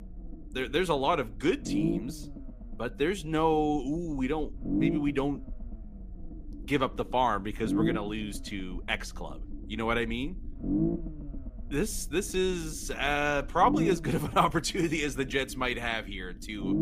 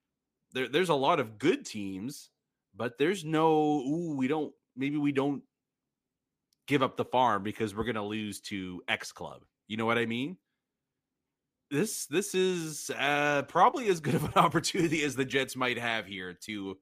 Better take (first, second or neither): second